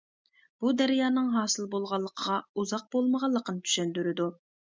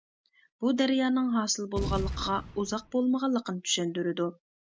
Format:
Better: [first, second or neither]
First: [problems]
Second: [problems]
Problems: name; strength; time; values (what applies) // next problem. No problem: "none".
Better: first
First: none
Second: background sound (Boom); 7 dB below the speech